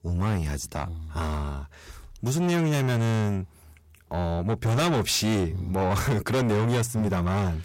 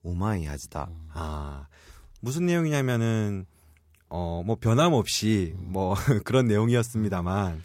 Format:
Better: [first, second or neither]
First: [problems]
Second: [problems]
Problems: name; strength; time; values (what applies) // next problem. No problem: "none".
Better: second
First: distortion; heavy; 6 dB below the speech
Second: none